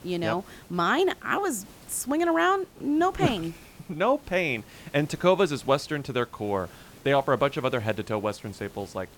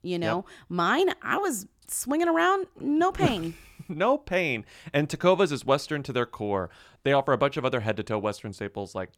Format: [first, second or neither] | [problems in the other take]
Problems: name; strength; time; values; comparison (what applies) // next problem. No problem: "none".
second | hiss; faint; throughout; 25 dB below the speech